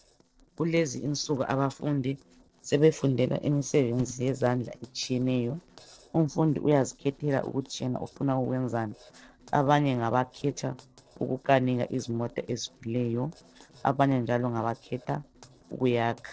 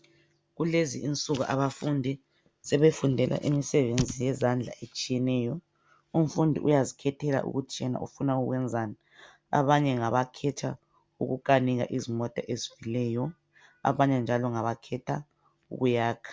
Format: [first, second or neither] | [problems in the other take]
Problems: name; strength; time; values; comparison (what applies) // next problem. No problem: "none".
second | noise reduction (neural separator model SepFormer DNS4)